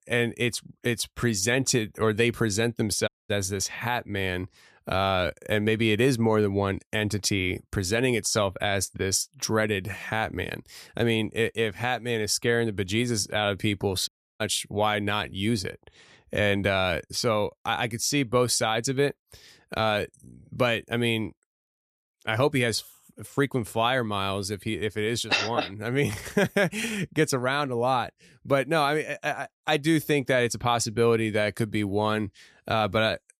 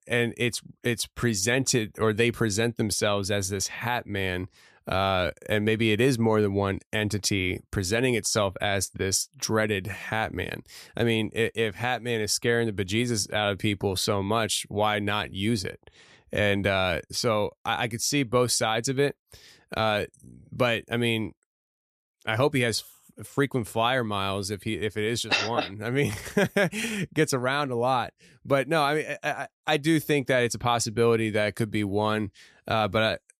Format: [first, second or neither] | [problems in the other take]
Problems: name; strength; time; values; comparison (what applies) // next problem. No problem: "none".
second | audio cutting out; at 3 s and at 14 s